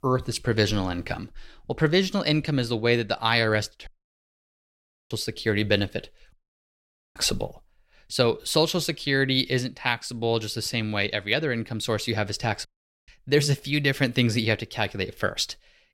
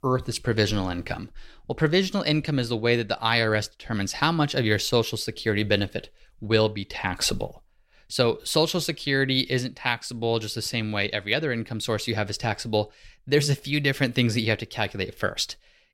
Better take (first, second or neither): second